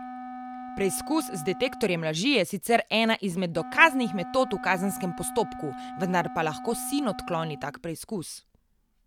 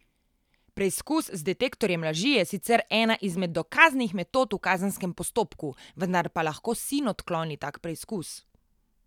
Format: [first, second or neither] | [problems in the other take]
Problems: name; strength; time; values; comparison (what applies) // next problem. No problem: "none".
second | background sound (Wind instrument, woodwind instrument); 12 dB below the speech